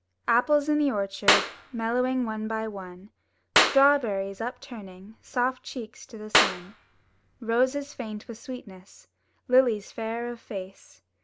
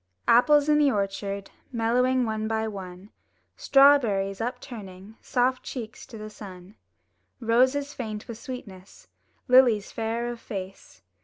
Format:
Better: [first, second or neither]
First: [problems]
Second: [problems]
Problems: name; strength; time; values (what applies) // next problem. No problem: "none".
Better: second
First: background sound (Clapping); 1 dB below the speech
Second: none